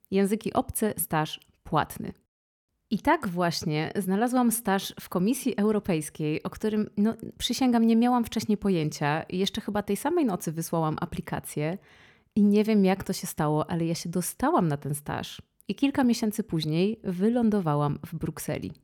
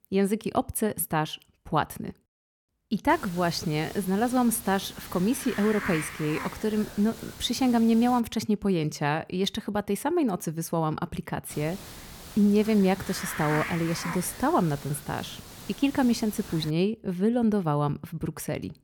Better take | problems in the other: first | hiss; noticeable; from 3 to 8 s and from 12 to 17 s; 10 dB below the speech

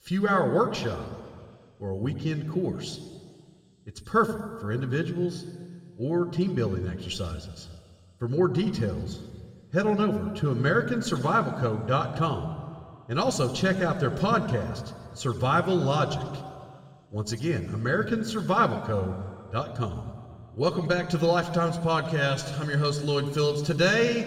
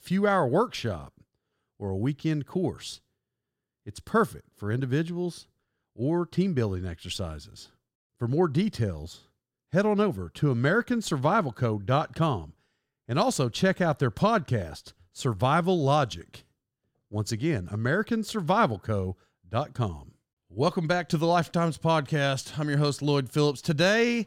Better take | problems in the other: second | room echo; slight; dies away in 1.8 s

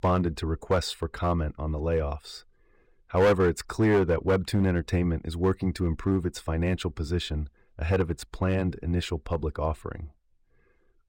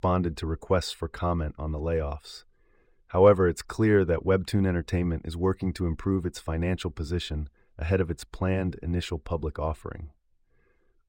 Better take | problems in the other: second | distortion; slight; 3% of the sound clipped

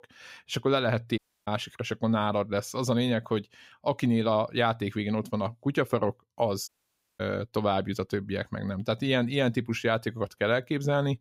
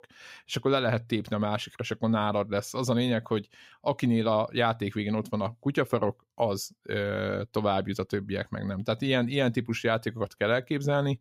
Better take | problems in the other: second | audio cutting out; at 1 s and at 6.5 s for 0.5 s

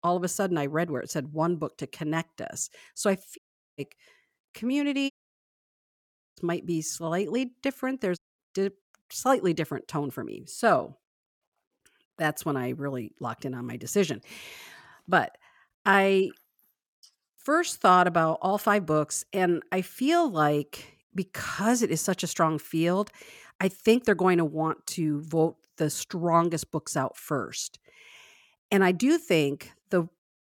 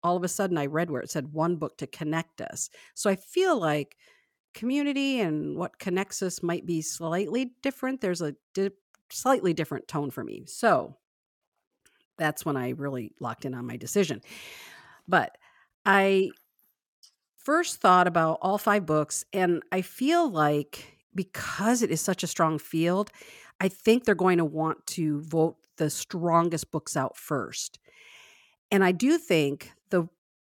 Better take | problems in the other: second | audio cutting out; at 3.5 s, at 5 s for 1.5 s and at 8 s

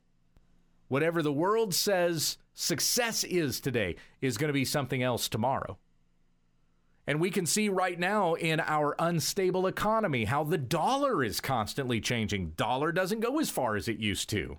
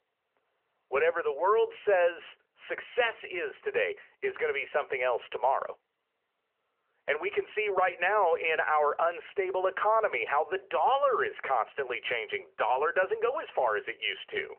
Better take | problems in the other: first | phone-call audio; nothing above 3 kHz

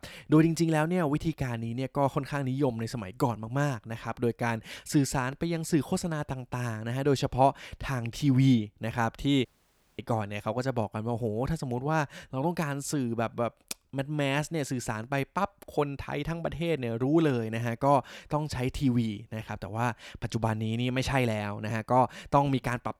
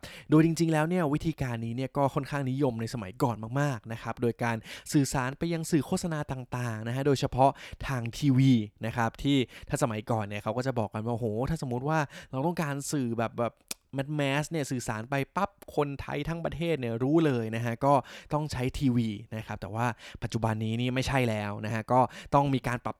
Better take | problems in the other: second | audio cutting out; at 9.5 s for 0.5 s

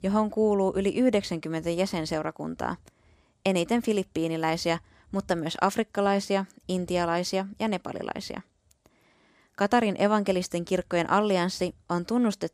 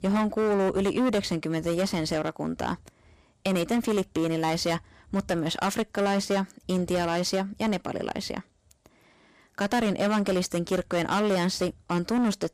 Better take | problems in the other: first | distortion; heavy; 15% of the sound clipped

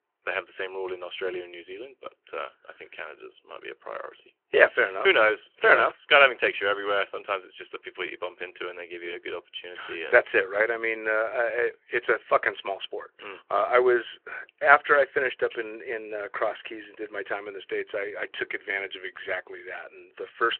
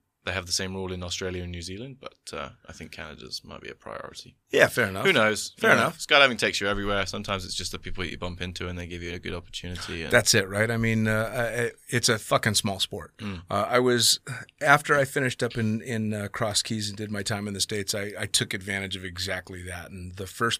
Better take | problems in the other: second | phone-call audio

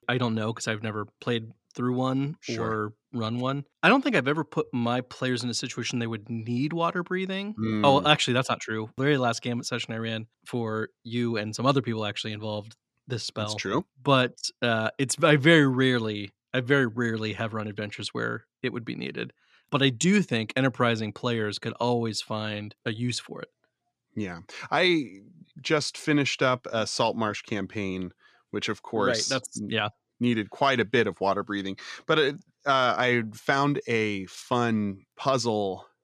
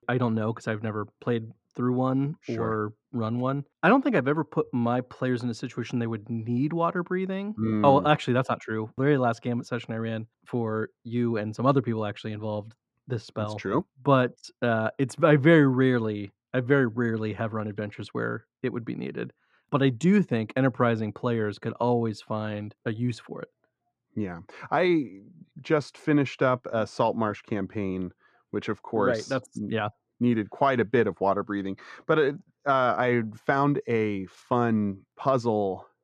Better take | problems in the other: first | muffled; slightly; fading above 2 kHz

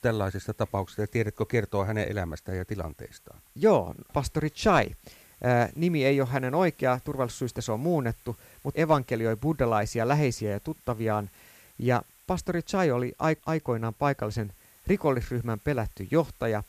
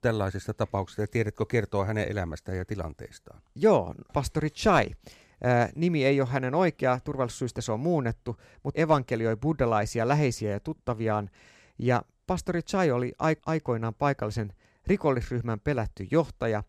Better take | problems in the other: second | hiss; faint; throughout; 25 dB below the speech

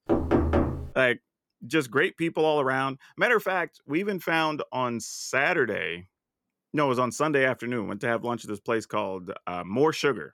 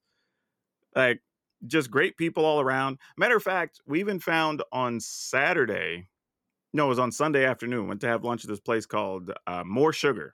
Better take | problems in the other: second | door banging; loud; at the start; peak 3 dB above the speech

